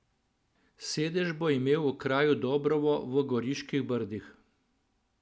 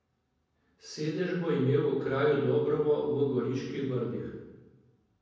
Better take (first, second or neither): first